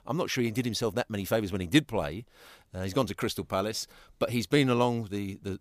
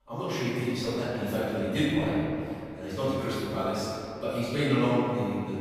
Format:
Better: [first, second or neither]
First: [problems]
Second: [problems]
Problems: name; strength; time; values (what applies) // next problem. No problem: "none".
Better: first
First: none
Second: off-mic speech; far // room echo; strong; dies away in 2.5 s